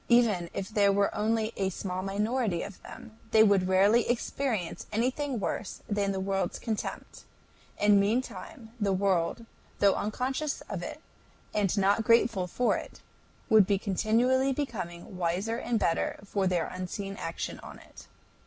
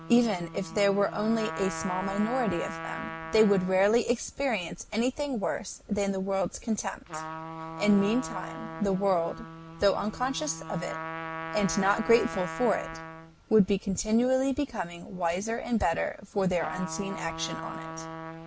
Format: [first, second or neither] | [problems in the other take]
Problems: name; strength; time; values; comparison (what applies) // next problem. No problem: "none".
first | background sound (Trumpet); 12 dB below the speech